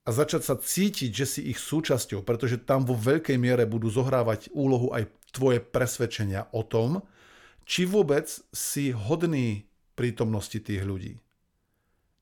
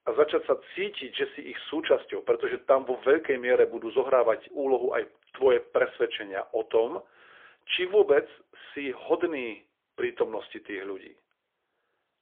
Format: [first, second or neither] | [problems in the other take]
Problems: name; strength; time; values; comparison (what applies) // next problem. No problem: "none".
first | phone-call audio; poor line; nothing above 3.5 kHz